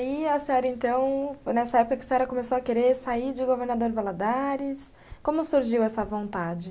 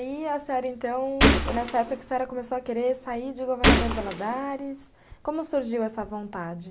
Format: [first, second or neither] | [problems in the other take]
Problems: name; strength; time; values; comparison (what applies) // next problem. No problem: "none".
first | background sound (Gunshot, gunfire); 5 dB above the speech